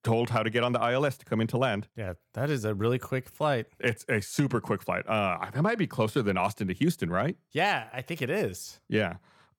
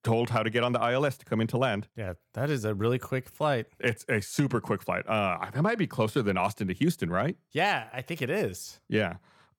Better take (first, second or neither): neither